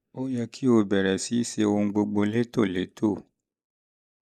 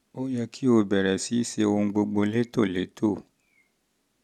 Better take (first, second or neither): second